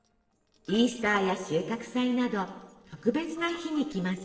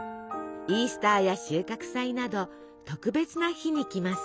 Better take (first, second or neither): second